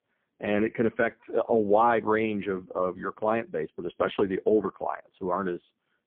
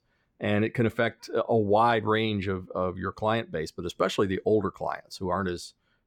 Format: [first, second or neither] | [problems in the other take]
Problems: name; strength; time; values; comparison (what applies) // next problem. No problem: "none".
second | phone-call audio; poor line